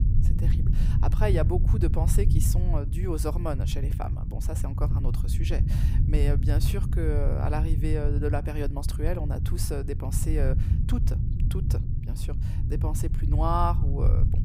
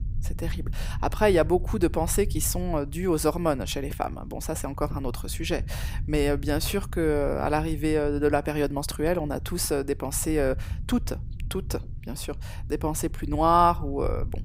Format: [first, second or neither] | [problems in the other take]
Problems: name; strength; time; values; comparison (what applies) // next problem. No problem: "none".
second | low rumble; loud; throughout; 7 dB below the speech; faint in the second